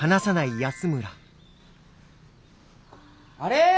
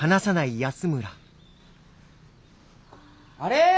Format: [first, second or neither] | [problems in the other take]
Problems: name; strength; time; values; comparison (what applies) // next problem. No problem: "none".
second | background sound (Ringtone / Chime); 17 dB below the speech